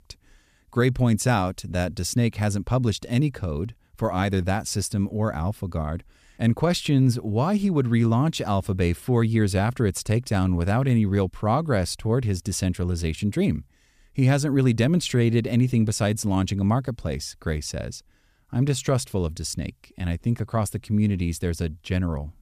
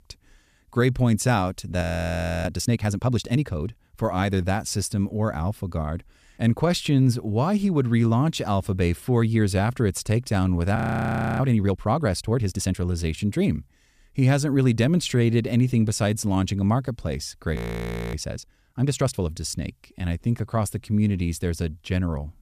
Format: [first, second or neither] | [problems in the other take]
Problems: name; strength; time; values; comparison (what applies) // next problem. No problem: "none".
first | audio freezing; at 2 s for 0.5 s, at 11 s for 0.5 s and at 18 s for 0.5 s